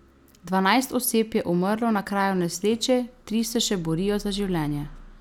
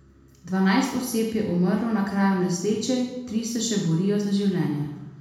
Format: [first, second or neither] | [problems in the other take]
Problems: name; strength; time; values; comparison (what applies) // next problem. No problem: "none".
first | room echo; dies away in 1 s